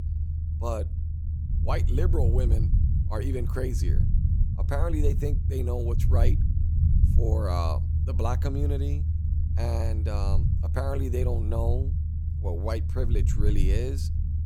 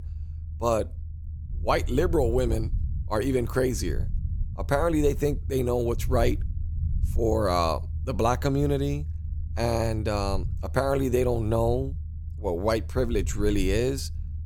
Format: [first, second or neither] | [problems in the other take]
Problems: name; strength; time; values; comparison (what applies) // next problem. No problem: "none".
second | low rumble; loud; throughout; 7 dB below the speech; faint in the second